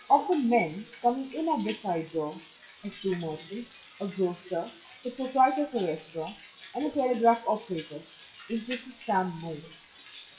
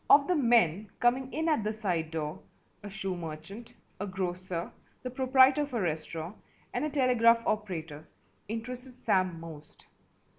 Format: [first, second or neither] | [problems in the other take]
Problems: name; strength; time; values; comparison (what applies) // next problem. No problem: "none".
second | noise reduction (classical method WPE with log-MMSE)